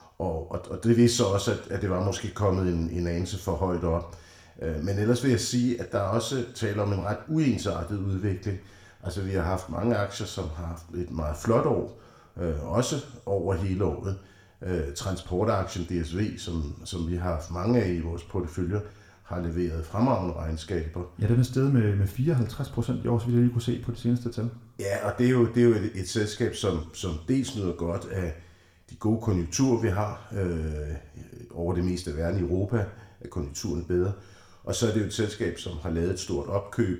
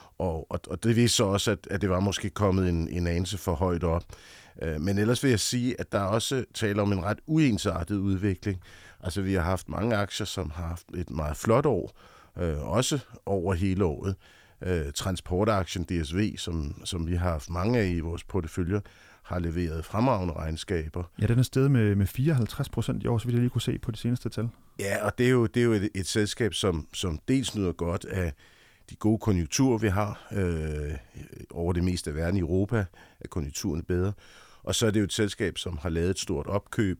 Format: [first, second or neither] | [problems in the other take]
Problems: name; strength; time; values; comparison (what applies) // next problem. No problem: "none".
second | room echo; very slight; dies away in 0.5 s